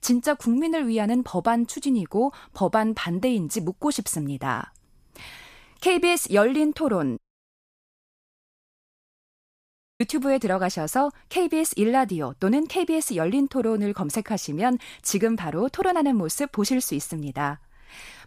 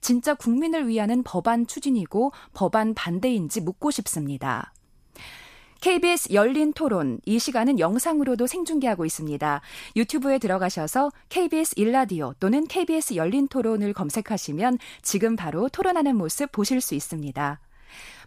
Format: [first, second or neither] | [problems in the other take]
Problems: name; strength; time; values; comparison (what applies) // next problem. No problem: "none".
second | audio cutting out; at 7 s for 3 s